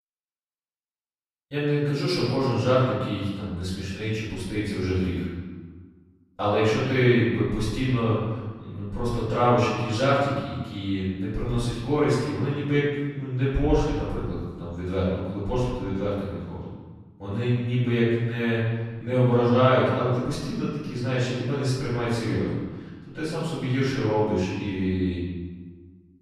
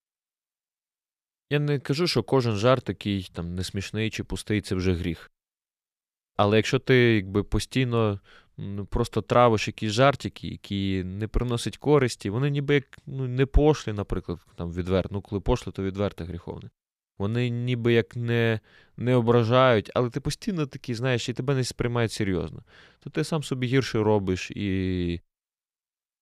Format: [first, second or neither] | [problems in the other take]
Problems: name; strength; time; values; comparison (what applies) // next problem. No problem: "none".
second | off-mic speech; far // room echo; strong; dies away in 1.3 s